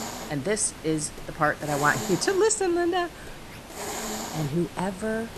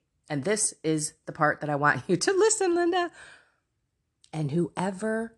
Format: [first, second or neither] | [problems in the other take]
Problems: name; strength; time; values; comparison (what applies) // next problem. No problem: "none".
second | hiss; noticeable; throughout; 10 dB below the speech